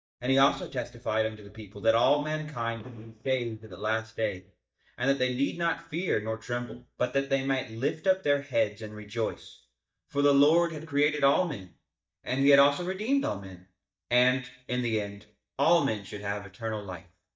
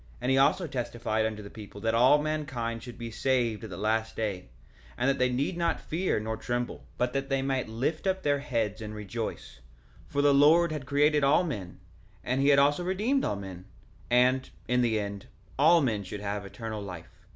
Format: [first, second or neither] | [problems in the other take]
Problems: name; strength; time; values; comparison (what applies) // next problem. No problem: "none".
second | noise reduction (neural mask model DeepFilterNet 3)